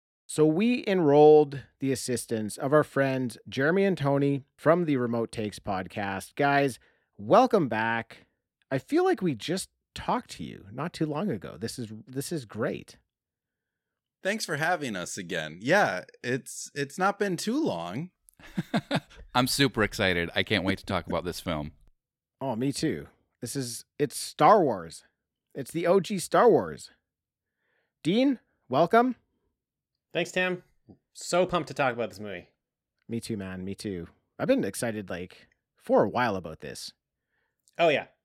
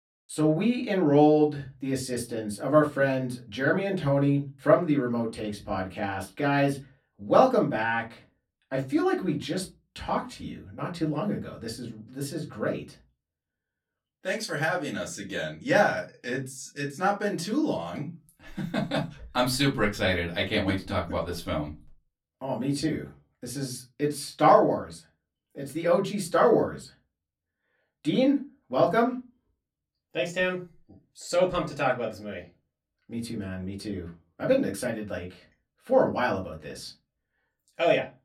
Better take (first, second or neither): first